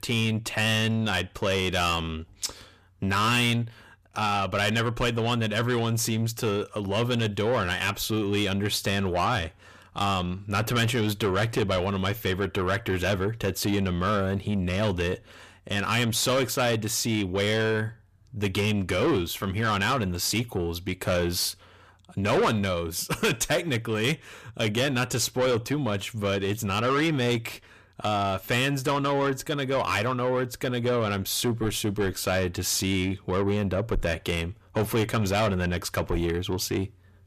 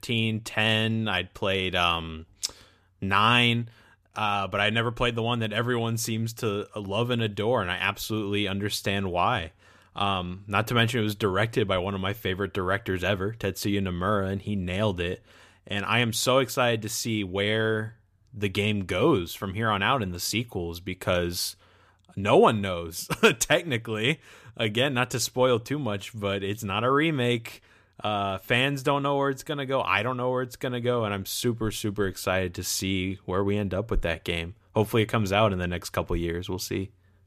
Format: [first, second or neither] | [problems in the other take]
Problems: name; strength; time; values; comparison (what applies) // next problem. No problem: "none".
second | distortion; heavy; 8 dB below the speech